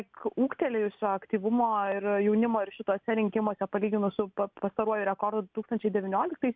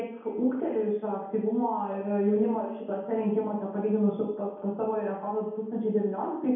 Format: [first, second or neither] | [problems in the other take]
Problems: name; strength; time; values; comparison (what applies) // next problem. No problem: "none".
first | room echo; dies away in 1.9 s